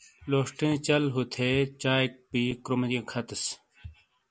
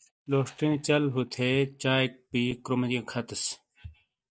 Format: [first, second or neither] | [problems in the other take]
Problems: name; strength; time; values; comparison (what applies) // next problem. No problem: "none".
first | noise reduction (neural mask model DeepFilterNet 3)